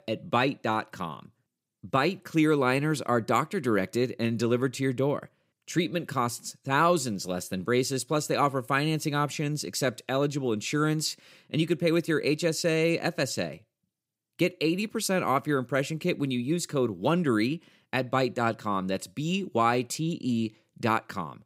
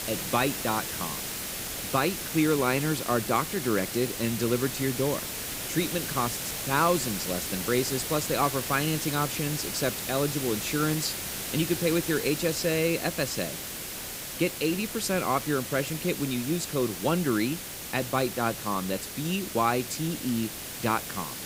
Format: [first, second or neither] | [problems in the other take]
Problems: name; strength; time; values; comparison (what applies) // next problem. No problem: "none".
first | hiss; loud; throughout; 4 dB below the speech